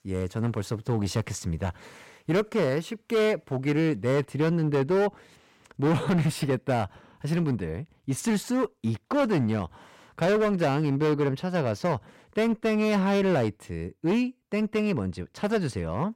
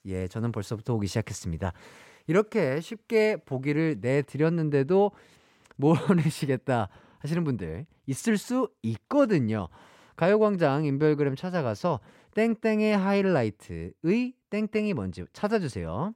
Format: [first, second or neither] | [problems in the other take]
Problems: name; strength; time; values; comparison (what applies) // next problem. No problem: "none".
second | distortion; slight; 11% of the sound clipped